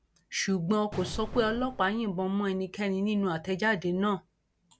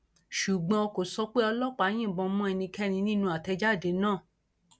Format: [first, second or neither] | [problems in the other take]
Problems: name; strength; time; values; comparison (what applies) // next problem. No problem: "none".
second | background sound (Explosion); 14 dB below the speech